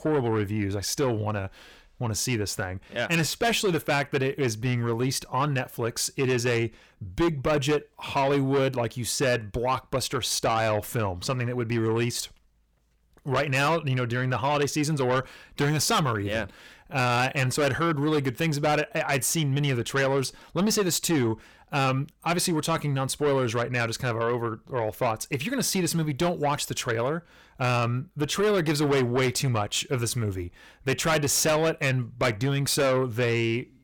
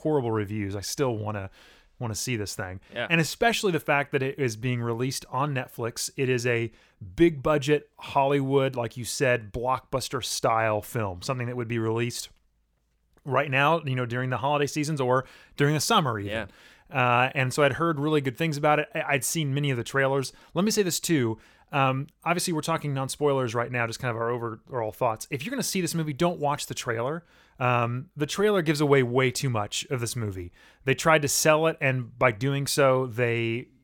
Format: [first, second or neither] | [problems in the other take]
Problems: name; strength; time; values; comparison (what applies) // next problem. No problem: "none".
second | distortion; heavy; 8 dB below the speech